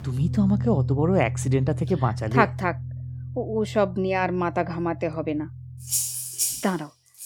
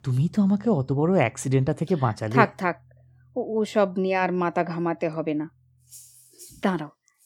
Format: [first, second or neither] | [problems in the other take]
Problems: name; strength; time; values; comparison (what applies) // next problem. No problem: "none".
second | background music; loud; throughout; 5 dB below the speech; faint in the second